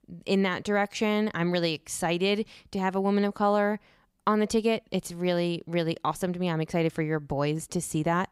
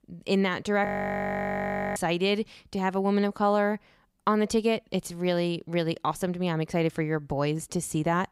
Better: first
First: none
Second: audio freezing; at 1 s for 1 s

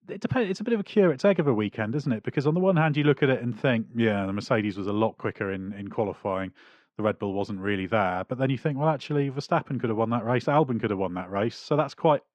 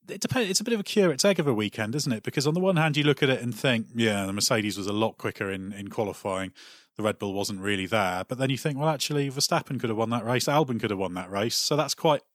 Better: second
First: muffled; very; fading above 2 kHz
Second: none

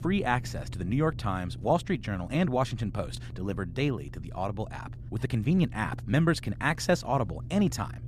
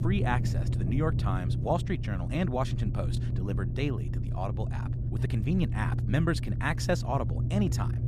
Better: first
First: low rumble; faint; throughout; 25 dB below the speech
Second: low rumble; loud; throughout; 9 dB below the speech

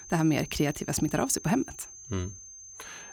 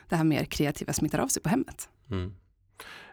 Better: second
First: high-pitched whine; noticeable; throughout; 6.5 kHz, 15 dB below the speech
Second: none

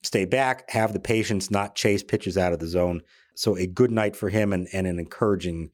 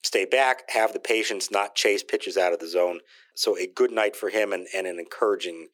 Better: first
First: none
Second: thin; very; fading below 350 Hz

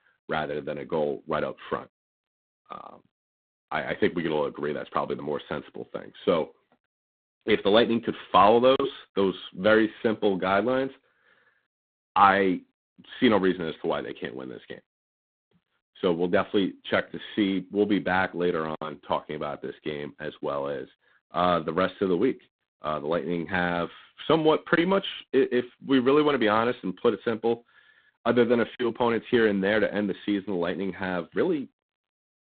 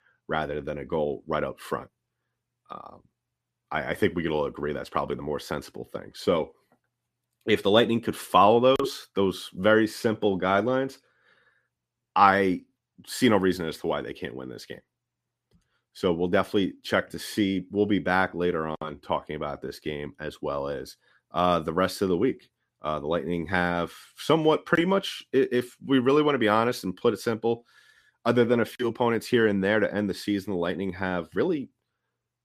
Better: second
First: phone-call audio; poor line; nothing above 3.5 kHz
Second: none

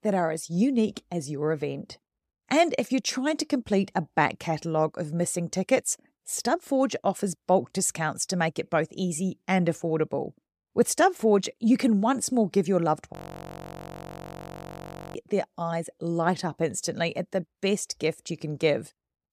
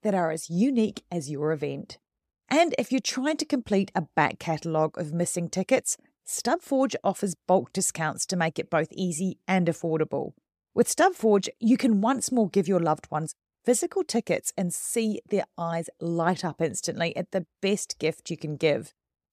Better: second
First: audio freezing; at 13 s for 2 s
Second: none

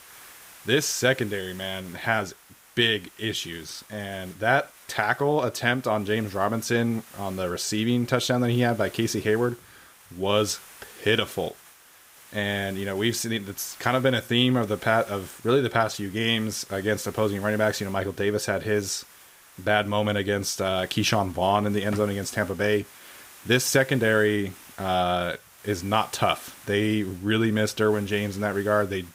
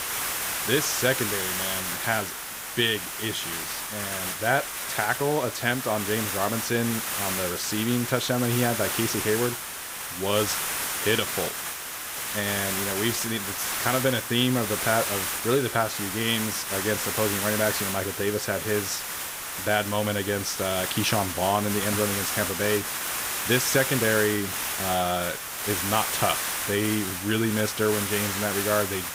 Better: first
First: hiss; faint; throughout; 20 dB below the speech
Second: hiss; loud; throughout; 1 dB below the speech

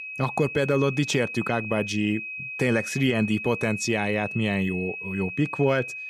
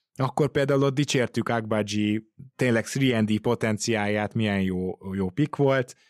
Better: second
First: high-pitched whine; loud; throughout; 2.5 kHz, 7 dB below the speech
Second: none

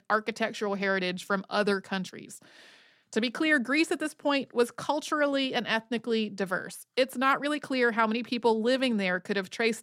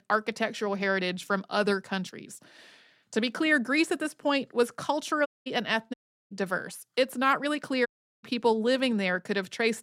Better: first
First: none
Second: audio cutting out; at 5.5 s, at 6 s and at 8 s

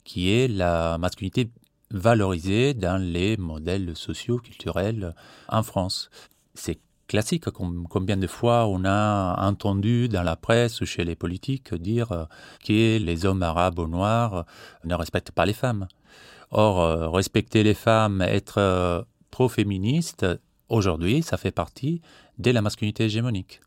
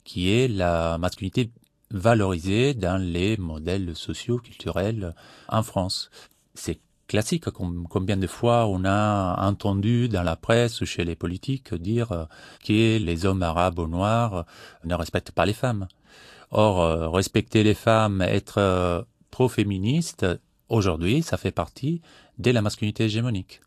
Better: first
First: none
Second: garbled, watery; slightly; nothing above 13 kHz

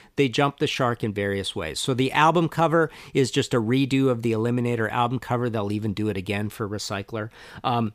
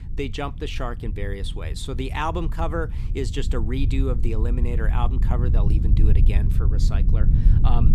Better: first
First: none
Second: low rumble; loud; throughout; 8 dB below the speech

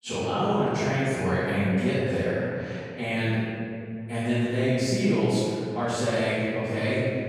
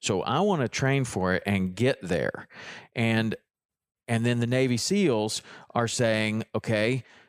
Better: second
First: off-mic speech; far // room echo; strong; dies away in 2.3 s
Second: none

